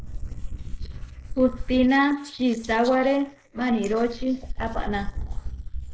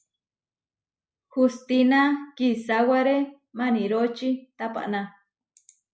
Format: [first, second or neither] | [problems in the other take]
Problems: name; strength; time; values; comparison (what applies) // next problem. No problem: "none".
second | noise reduction (neural mask model Resemble Enhance denoiser)